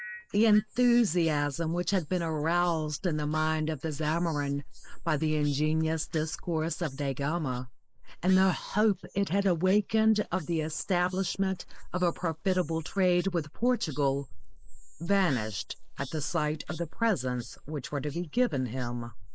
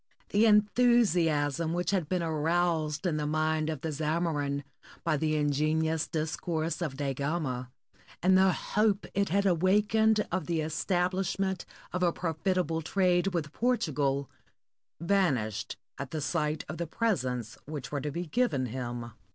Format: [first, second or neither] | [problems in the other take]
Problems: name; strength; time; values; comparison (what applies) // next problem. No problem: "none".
second | noise reduction (neural mask model Resemble Enhance denoiser)